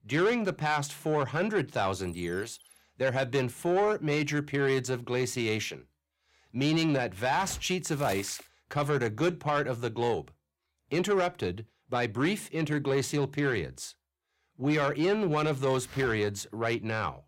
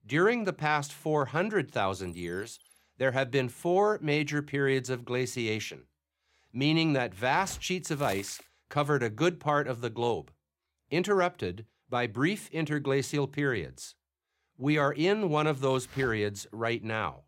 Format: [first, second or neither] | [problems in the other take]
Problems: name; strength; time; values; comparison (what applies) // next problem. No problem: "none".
second | distortion; slight; 10 dB below the speech